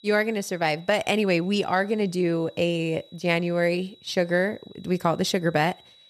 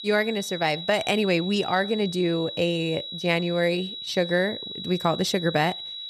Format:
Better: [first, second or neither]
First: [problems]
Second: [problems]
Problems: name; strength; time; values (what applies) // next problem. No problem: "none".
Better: first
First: high-pitched whine; faint; throughout; 4 kHz, 25 dB below the speech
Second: high-pitched whine; loud; throughout; 4 kHz, 8 dB below the speech